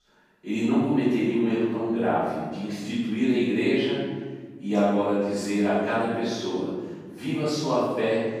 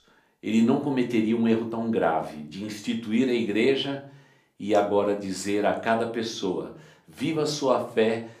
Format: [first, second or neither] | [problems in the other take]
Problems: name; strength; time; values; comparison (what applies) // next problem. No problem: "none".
second | room echo; strong; dies away in 1.5 s; slight in the second // off-mic speech; far; somewhat distant in the second